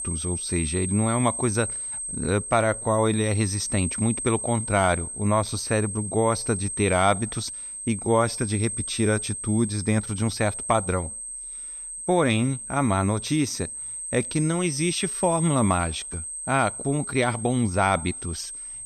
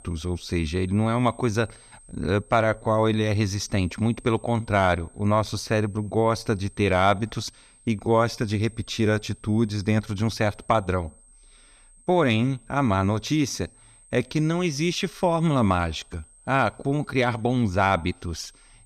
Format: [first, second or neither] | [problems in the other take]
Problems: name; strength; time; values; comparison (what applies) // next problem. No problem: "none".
second | high-pitched whine; loud; throughout; 8.5 kHz, 6 dB below the speech; faint in the second